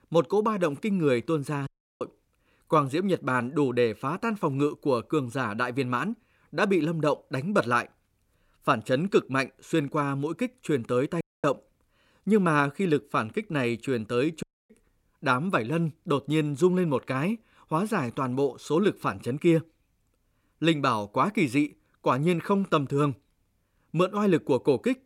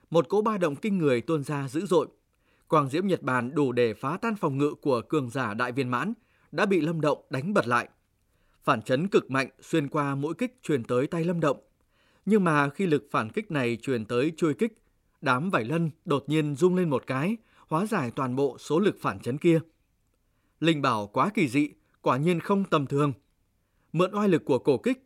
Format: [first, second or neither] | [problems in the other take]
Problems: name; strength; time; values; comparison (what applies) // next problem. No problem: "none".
second | audio cutting out; at 1.5 s, at 11 s and at 14 s